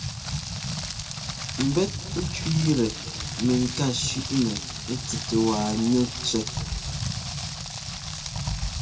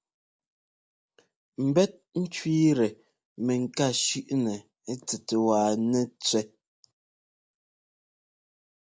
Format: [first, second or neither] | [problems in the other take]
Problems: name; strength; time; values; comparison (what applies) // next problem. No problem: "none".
second | background sound (Rain); 4 dB below the speech // room echo; dies away in 1.7 s